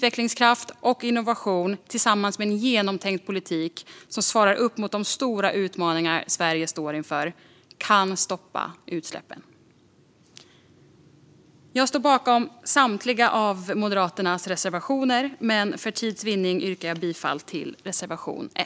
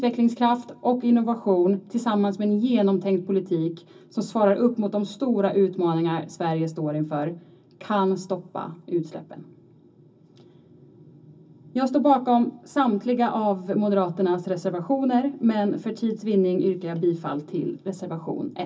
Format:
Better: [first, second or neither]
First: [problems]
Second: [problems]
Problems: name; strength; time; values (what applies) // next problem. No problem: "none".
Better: first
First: none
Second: room echo; dies away in 0.4 s